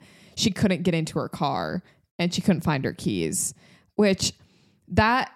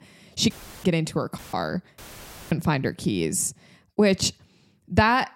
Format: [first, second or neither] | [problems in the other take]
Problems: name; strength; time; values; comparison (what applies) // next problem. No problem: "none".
first | audio cutting out; filled with static; at 0.5 s, at 1.5 s and at 2 s for 0.5 s